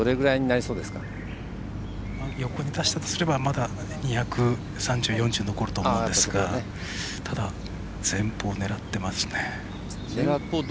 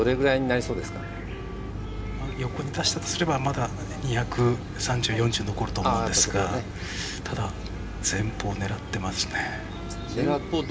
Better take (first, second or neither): first